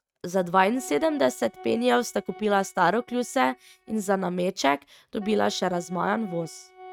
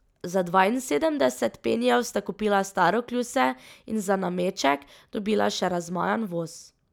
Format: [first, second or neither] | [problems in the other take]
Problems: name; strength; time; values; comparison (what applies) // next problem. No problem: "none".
second | noise reduction (neural mask model RNNoise)